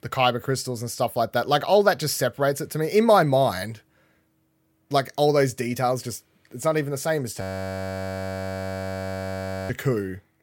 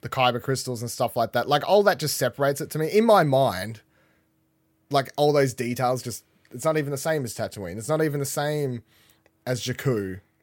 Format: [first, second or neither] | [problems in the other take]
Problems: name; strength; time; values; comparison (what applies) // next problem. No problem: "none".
second | audio freezing; at 7.5 s for 2.5 s